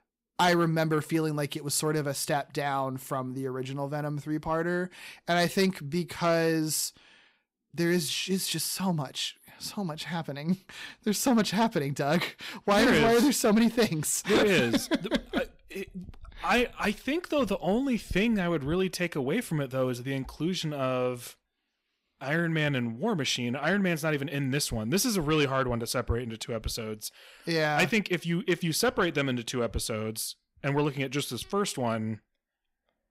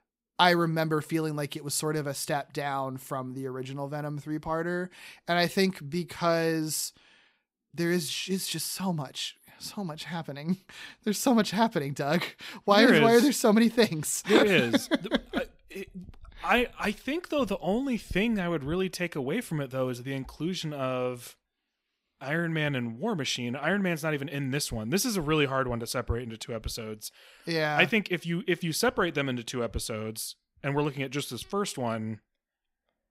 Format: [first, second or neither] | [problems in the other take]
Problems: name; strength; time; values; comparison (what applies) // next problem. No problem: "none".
second | distortion; slight; 10 dB below the speech